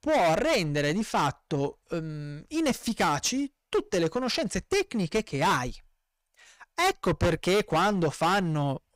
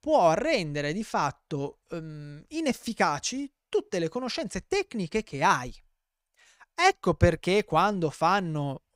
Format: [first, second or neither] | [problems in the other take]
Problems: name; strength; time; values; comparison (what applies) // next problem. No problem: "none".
second | distortion; heavy; 14% of the sound clipped